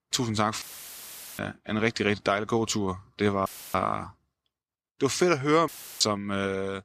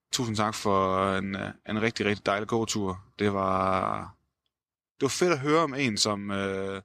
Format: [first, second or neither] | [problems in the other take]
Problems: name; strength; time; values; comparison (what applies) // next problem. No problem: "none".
second | audio cutting out; filled with static; at 0.5 s for 1 s, at 3.5 s and at 5.5 s